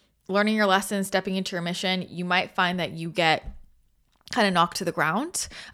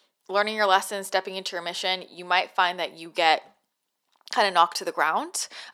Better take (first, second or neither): first